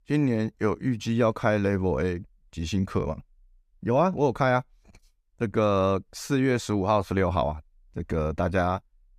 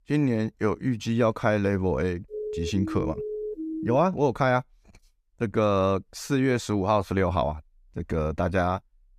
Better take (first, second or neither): first